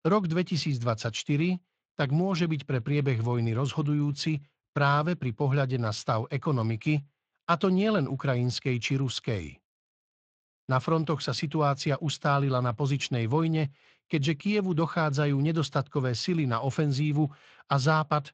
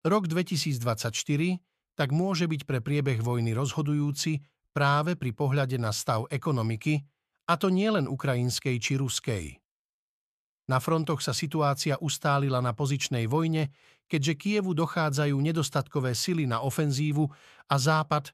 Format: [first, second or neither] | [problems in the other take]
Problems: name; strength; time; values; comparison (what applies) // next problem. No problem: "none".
second | garbled, watery; slightly; nothing above 7.5 kHz